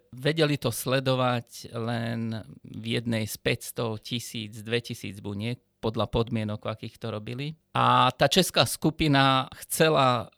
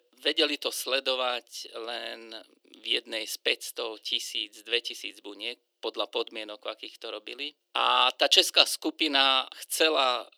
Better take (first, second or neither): first